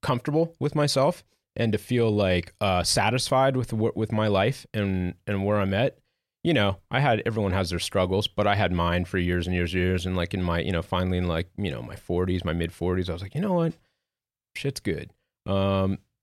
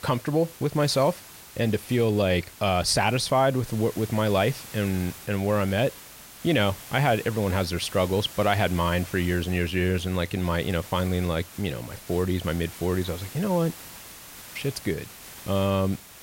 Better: first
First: none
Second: hiss; noticeable; throughout; 15 dB below the speech

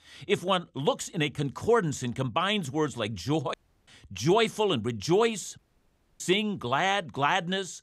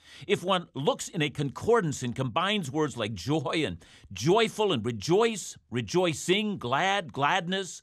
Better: second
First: audio cutting out; at 3.5 s and at 5.5 s for 0.5 s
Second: none

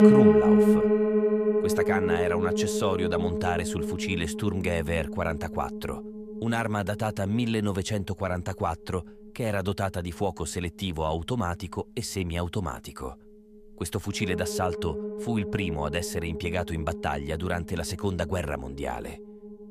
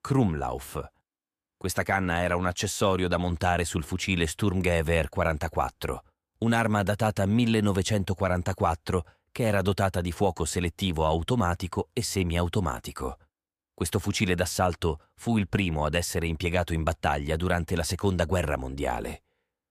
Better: second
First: background music; very loud; throughout; 3 dB above the speech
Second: none

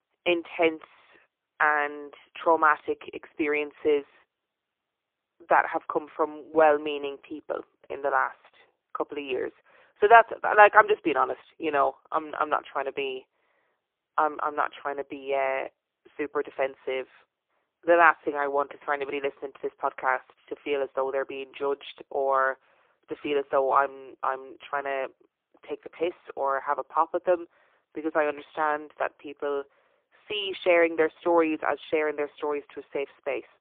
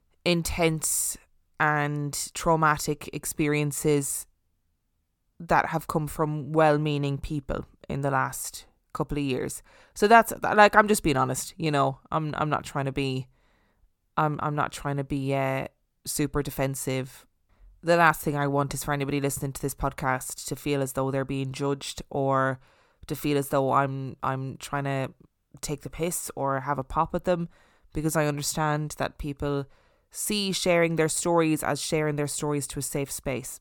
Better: second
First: phone-call audio; poor line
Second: none

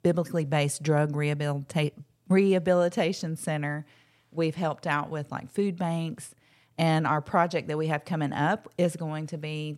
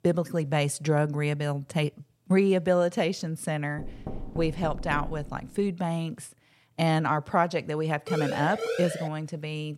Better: first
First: none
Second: door banging; noticeable; from 4 to 5.5 s; peak 10 dB below the speech // siren; noticeable; from 8 to 9 s; peak 3 dB below the speech

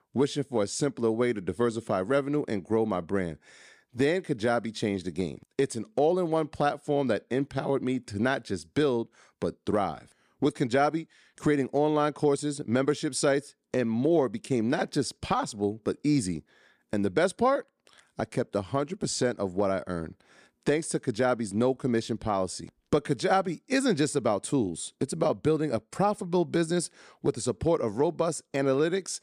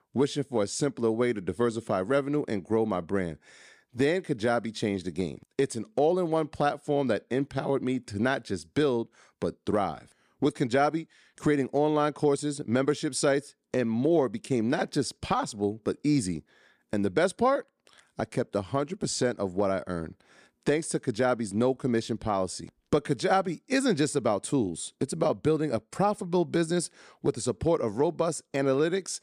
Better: neither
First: none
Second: none

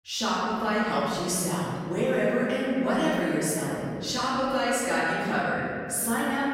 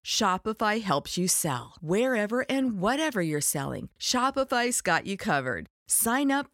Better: second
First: off-mic speech; far // room echo; strong; dies away in 2.3 s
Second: none

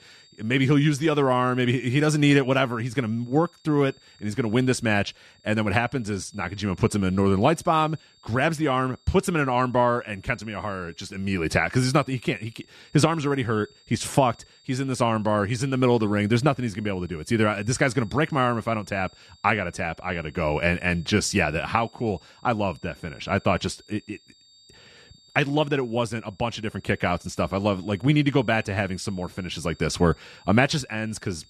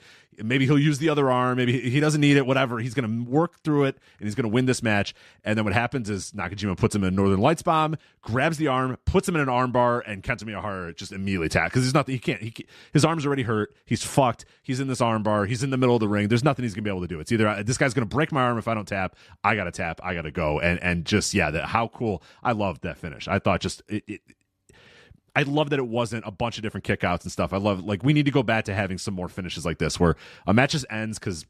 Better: second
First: high-pitched whine; faint; throughout; 4.5 kHz, 30 dB below the speech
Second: none

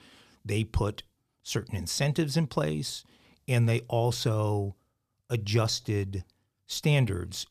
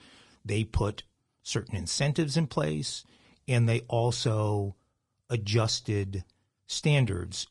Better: first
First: none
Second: garbled, watery; slightly

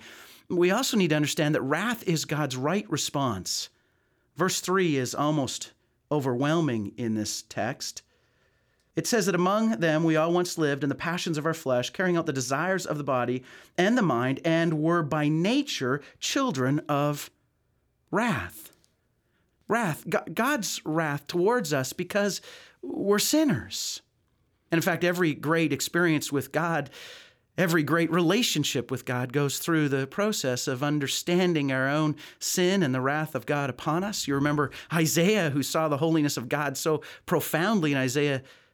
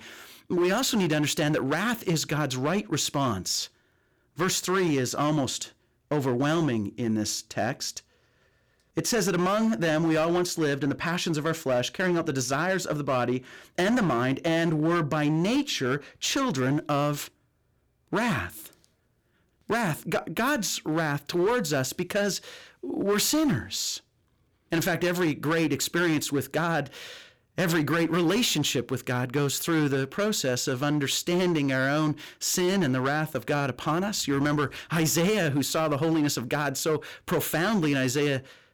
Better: first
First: none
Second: distortion; slight; 11% of the sound clipped

